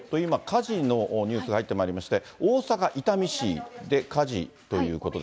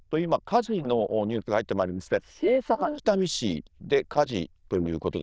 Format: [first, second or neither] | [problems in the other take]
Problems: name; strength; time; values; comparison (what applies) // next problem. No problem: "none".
first | noise reduction (neural diffusion model UNIVERSE++)